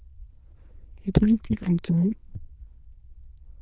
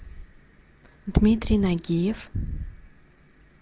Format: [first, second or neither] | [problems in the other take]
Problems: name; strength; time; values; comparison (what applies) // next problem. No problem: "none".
second | noise reduction (neural diffusion model UNIVERSE++)